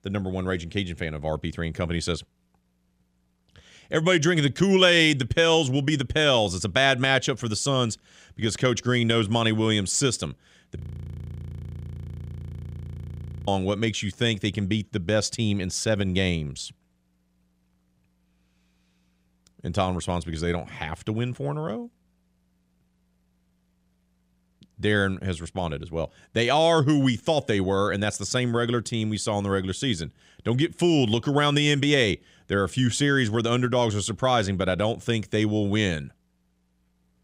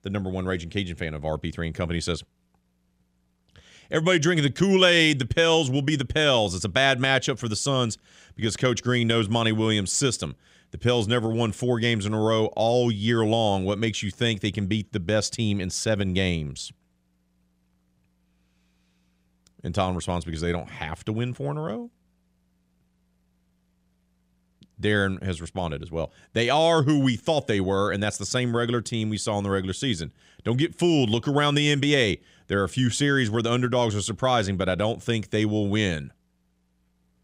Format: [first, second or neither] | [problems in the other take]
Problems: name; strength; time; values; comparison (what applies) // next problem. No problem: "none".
second | audio freezing; at 11 s for 2.5 s